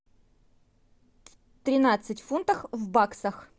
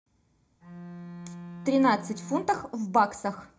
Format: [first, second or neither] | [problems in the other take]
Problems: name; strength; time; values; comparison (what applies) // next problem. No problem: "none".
first | background sound (Bowed string instrument); 13 dB below the speech // room echo; dies away in 0.3 s